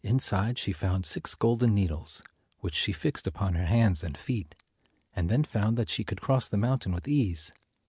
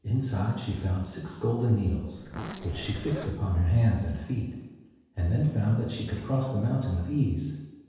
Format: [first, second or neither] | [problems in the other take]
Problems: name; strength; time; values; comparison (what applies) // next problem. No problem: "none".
first | background sound (Zipper (clothing)); 13 dB below the speech // room echo; dies away in 1.2 s